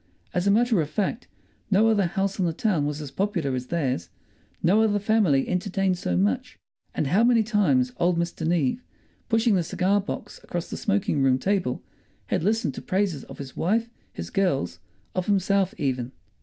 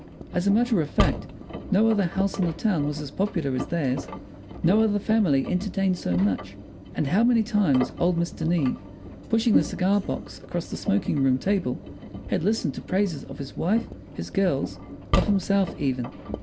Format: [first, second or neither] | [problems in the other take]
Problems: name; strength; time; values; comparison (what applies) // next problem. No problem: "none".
first | background sound (Engine); 9 dB below the speech